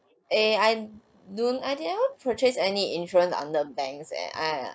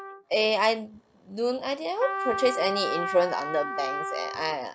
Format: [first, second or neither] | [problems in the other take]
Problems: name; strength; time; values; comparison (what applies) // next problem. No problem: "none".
first | background sound (Trumpet); 6 dB below the speech